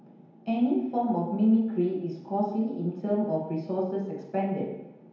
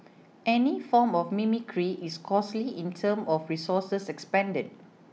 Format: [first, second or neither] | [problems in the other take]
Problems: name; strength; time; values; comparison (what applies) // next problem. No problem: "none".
second | room echo; dies away in 1 s